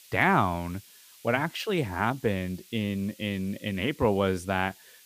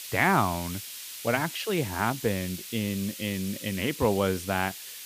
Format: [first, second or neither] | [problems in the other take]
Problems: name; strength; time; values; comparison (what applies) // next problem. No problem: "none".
first | hiss; loud; throughout; 9 dB below the speech; faint in the first